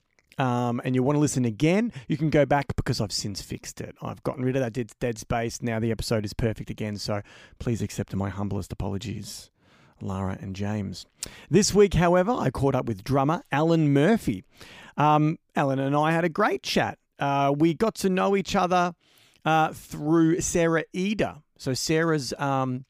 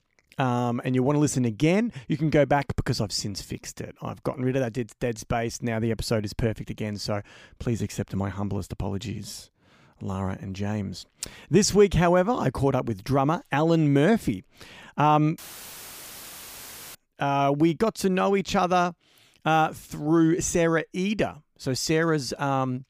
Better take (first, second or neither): first